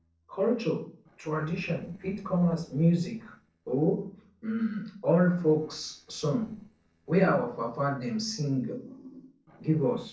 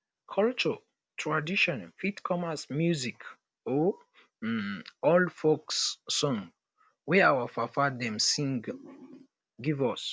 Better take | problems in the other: second | noise reduction (neural separator model SepFormer DNS4)

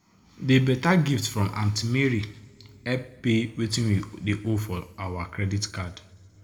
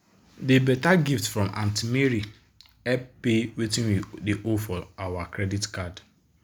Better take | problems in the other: second | room echo; dies away in 1.2 s

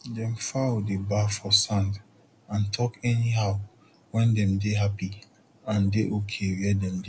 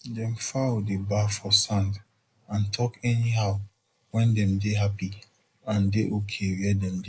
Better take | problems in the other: first | noise reduction (neural mask model Resemble Enhance denoiser)

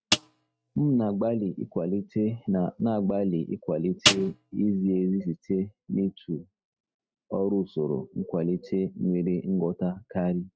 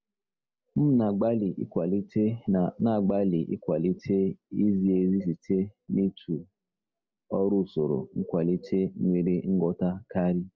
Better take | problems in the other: second | noise reduction (neural mask model RNNoise)

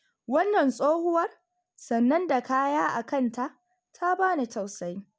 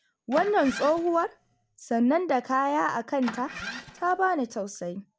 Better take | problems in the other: first | background sound (Engine starting); 14 dB below the speech

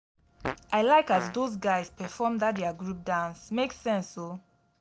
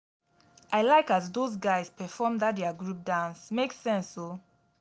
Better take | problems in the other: second | background sound (Fart); 14 dB below the speech

